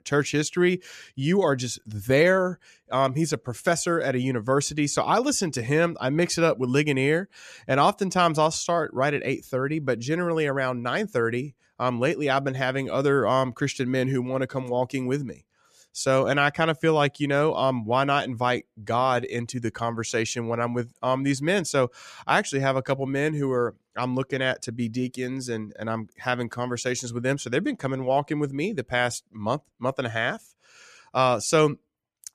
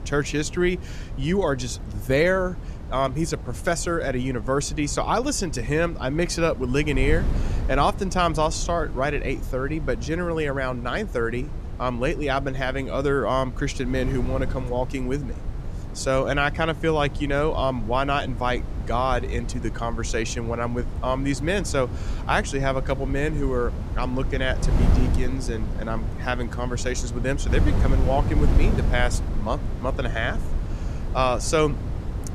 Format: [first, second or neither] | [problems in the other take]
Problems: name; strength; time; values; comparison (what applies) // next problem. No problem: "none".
first | wind noise on the microphone; occasional gusts; 15 dB below the speech